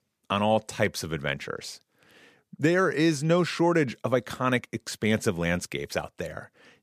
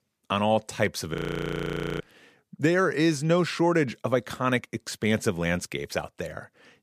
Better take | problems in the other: first | audio freezing; at 1 s for 1 s

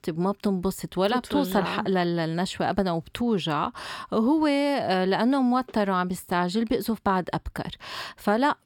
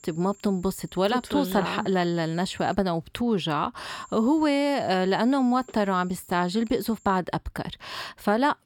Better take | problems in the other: first | high-pitched whine; faint; until 3 s and from 4 to 7 s; 7.5 kHz, 30 dB below the speech

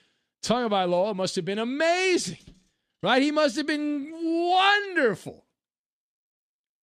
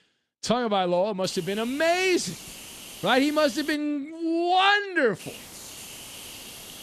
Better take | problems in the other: first | hiss; noticeable; from 1 to 3.5 s and from 5 s on; 15 dB below the speech

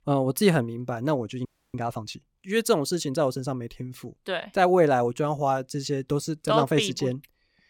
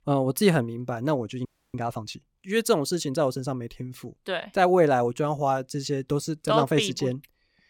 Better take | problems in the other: neither | audio freezing; at 1.5 s; the same in both

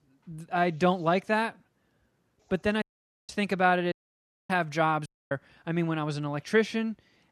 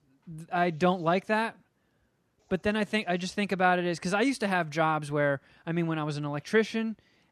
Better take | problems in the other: second | audio cutting out; at 3 s, at 4 s for 0.5 s and at 5 s

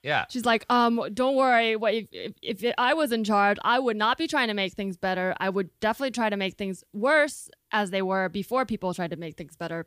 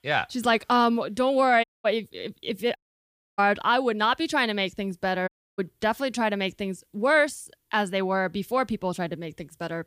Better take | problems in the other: first | audio cutting out; at 1.5 s, at 3 s for 0.5 s and at 5.5 s

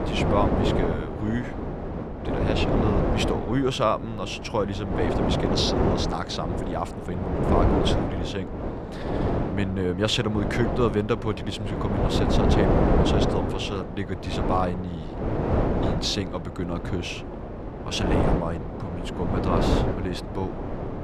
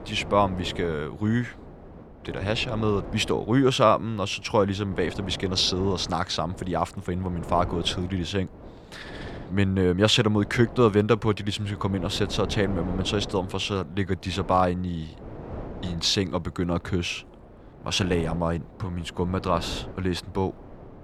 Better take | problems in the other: second | wind noise on the microphone; heavy; as loud as the speech; occasional gusts in the second

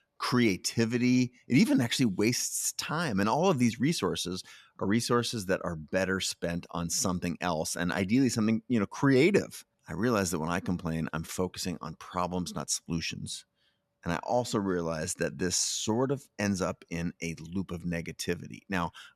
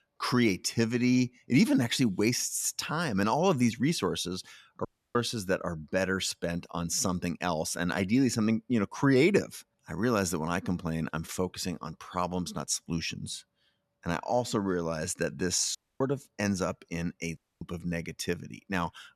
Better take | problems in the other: first | audio cutting out; at 5 s, at 16 s and at 17 s

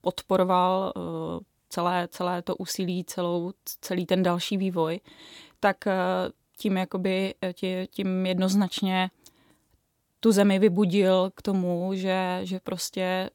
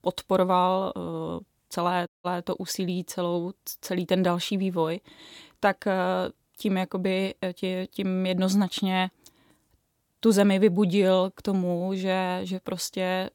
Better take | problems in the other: first | audio cutting out; at 2 s

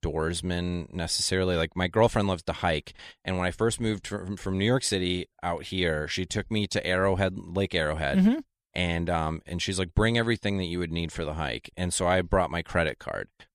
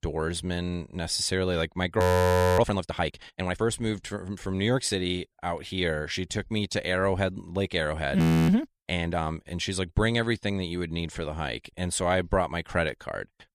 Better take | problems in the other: first | audio freezing; at 2 s for 0.5 s and at 8 s

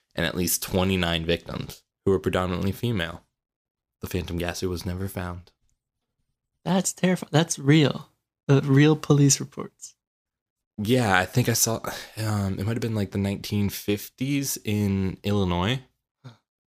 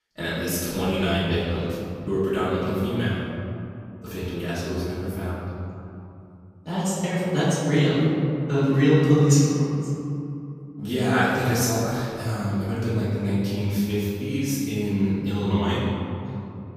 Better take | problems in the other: first | off-mic speech; far // room echo; strong; dies away in 2.8 s

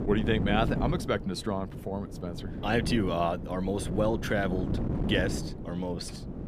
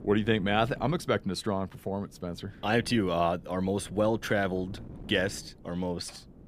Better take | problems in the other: second | wind noise on the microphone; heavy; 10 dB below the speech; occasional gusts in the second

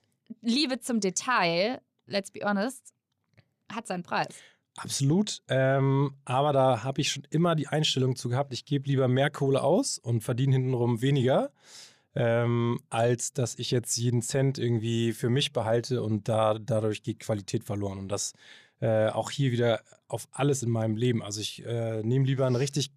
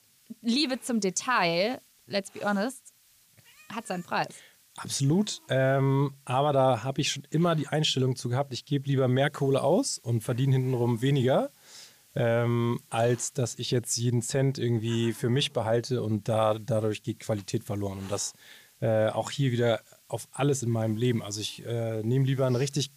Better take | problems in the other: first | hiss; faint; throughout; 25 dB below the speech

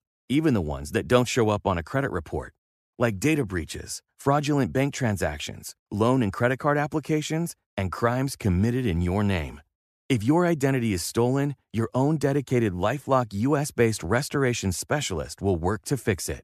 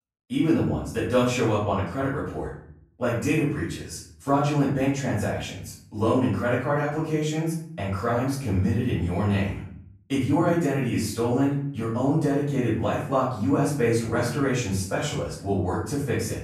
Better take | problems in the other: first | off-mic speech; far // room echo; noticeable; dies away in 0.6 s

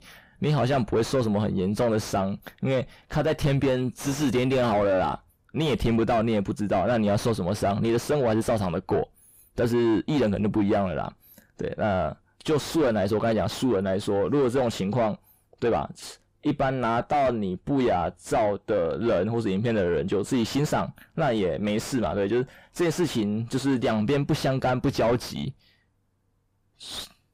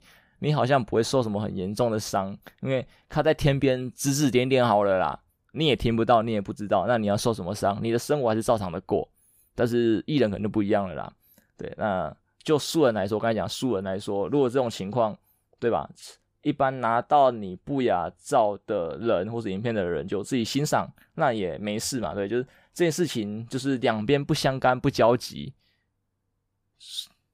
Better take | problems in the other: second | distortion; heavy; 7 dB below the speech

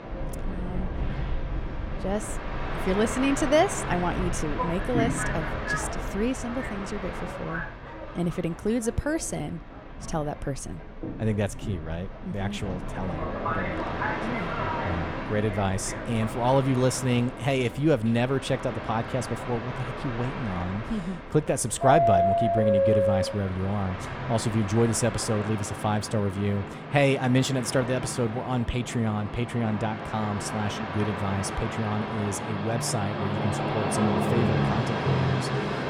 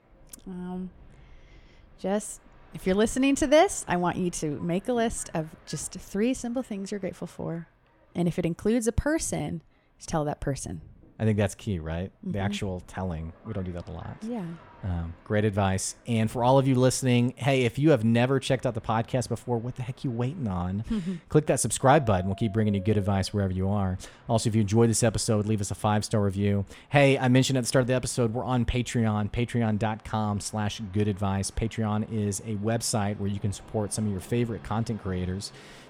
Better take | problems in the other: second | train or aircraft noise; loud; throughout; 3 dB below the speech; faint in the second

